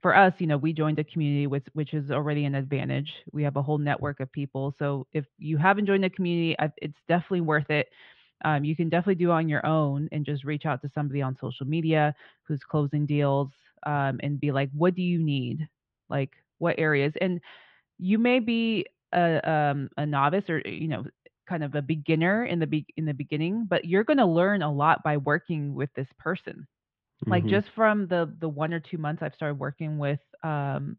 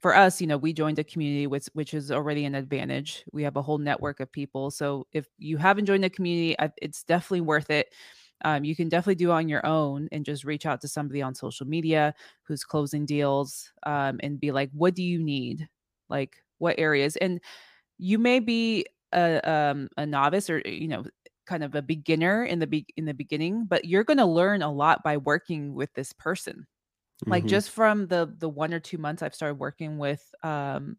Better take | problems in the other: second | muffled; very; fading above 3.5 kHz

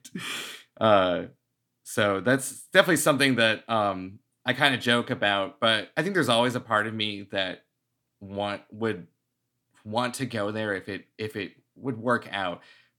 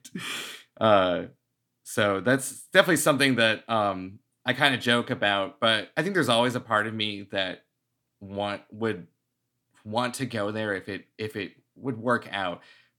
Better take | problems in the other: neither | none

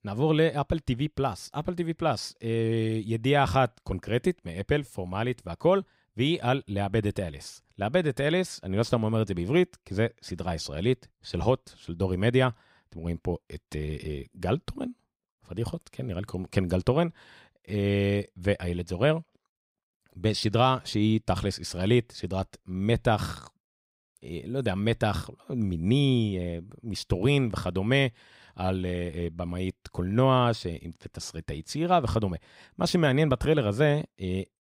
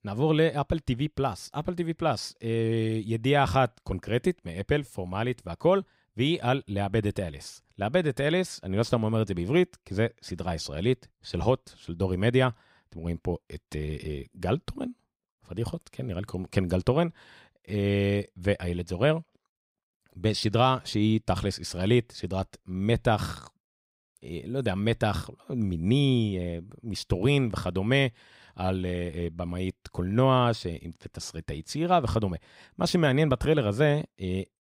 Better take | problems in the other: neither | none

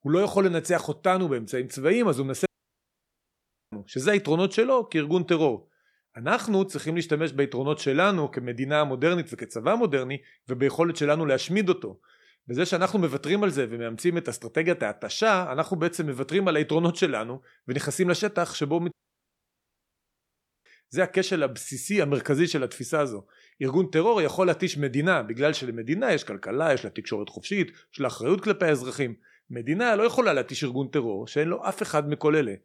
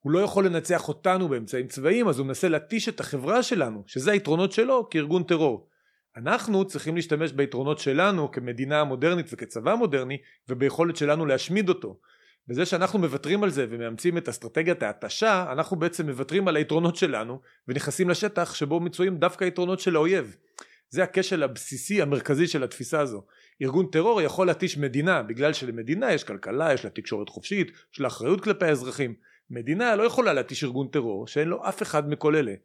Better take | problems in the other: second | audio cutting out; at 2.5 s for 1.5 s and at 19 s for 1.5 s

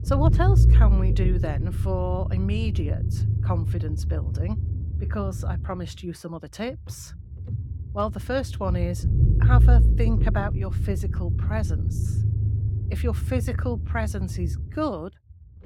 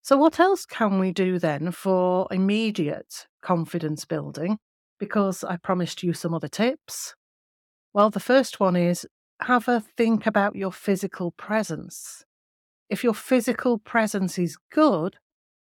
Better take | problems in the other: second | low rumble; loud; throughout; 7 dB below the speech

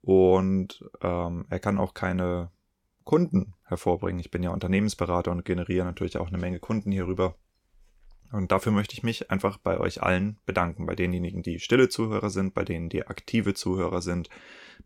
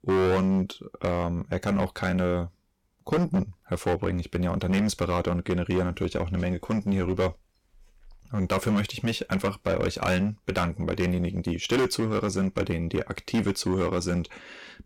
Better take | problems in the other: first | distortion; heavy; 12% of the sound clipped

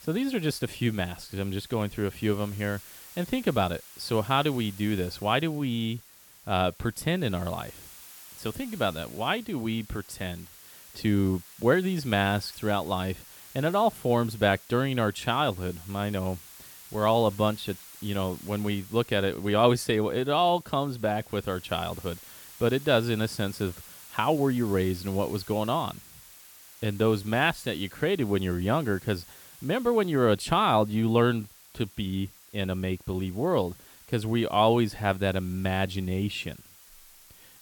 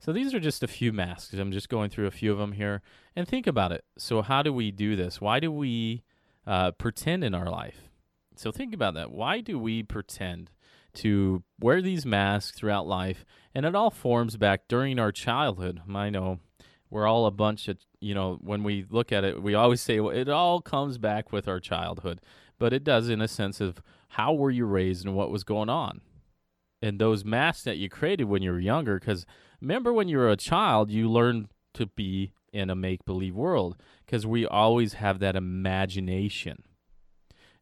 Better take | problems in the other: second | hiss; noticeable; throughout; 20 dB below the speech

